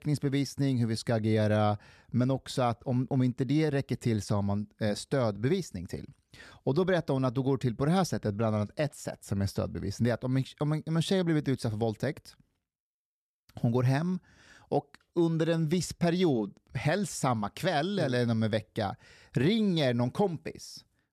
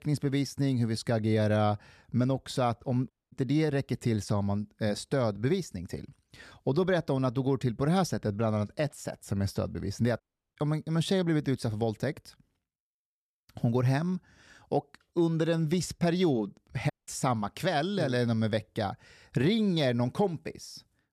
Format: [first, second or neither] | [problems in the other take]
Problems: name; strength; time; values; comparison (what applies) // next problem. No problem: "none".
first | audio cutting out; at 3 s, at 10 s and at 17 s